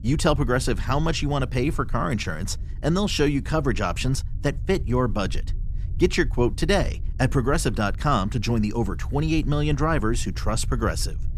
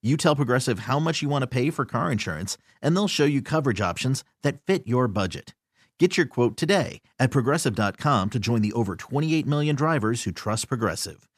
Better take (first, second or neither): second